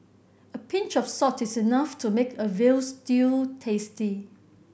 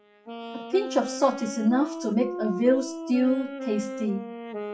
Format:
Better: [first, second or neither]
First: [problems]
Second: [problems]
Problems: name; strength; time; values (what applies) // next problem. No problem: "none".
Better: first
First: none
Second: noise reduction (classical method WPE with log-MMSE)